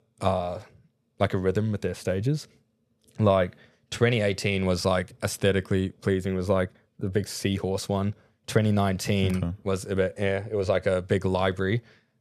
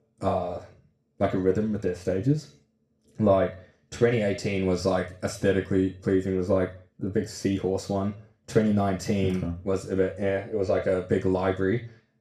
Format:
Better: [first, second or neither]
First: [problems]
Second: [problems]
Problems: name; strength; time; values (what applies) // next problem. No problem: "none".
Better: first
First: none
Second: room echo; slight; dies away in 0.4 s // off-mic speech; far